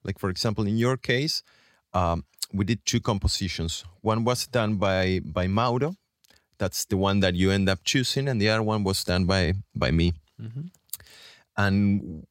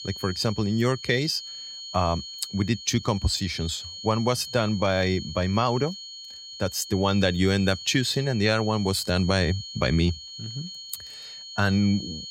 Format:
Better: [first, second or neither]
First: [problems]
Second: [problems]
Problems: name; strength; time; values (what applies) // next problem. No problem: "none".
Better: first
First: none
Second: high-pitched whine; noticeable; throughout; 4.5 kHz, 10 dB below the speech